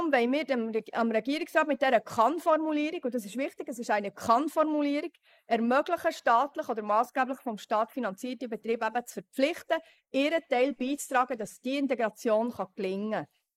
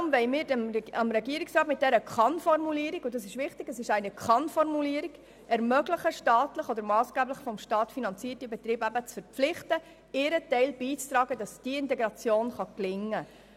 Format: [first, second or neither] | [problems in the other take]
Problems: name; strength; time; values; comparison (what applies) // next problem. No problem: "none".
second | noise reduction (neural mask model Resemble Enhance denoiser)